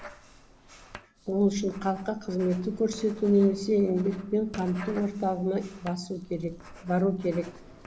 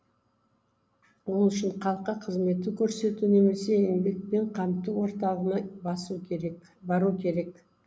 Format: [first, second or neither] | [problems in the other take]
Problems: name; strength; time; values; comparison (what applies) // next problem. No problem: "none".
second | background sound (Writing); 19 dB below the speech